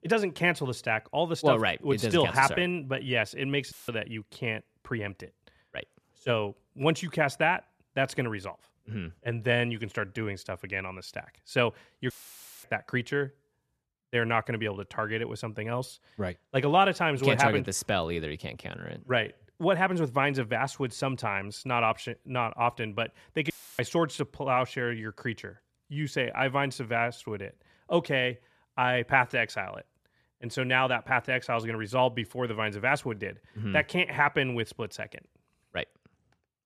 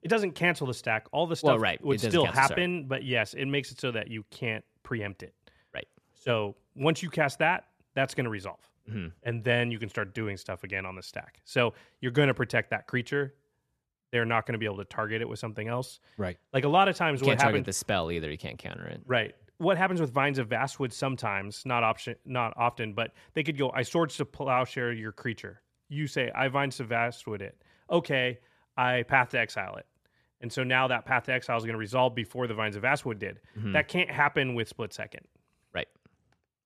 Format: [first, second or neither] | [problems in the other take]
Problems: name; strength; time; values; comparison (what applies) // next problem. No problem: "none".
second | audio cutting out; filled with static; at 3.5 s, at 12 s for 0.5 s and at 24 s